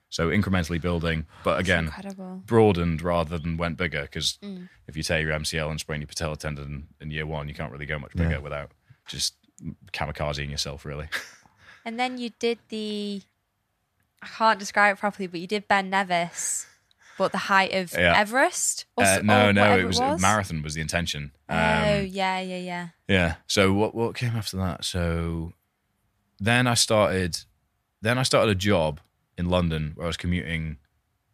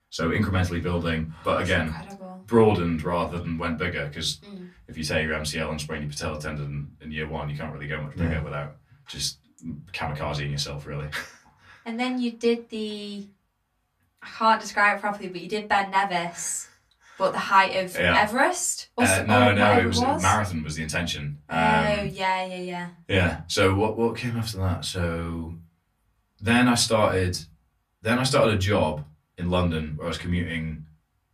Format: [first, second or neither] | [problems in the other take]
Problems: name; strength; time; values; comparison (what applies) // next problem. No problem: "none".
first | off-mic speech; far // room echo; very slight; dies away in 0.2 s